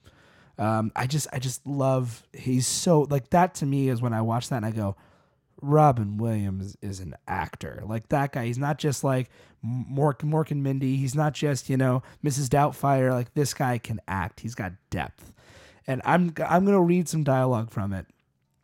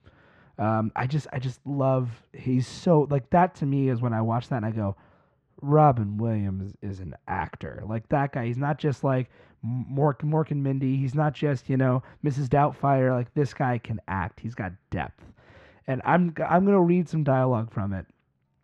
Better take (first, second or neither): first